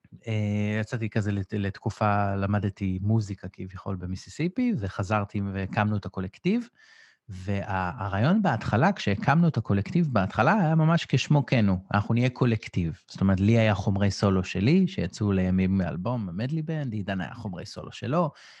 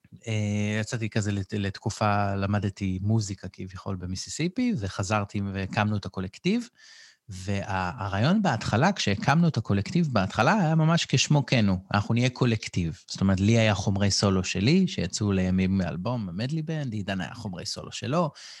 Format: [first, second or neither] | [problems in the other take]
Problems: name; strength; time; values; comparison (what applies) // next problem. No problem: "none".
second | muffled; slightly; fading above 3.5 kHz